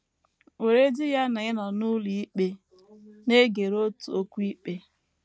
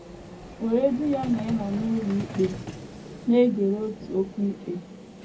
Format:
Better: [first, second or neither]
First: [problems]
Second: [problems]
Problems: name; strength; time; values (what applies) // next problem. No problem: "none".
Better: first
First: none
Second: background sound (Vehicle); 12 dB below the speech // room echo; dies away in 0.4 s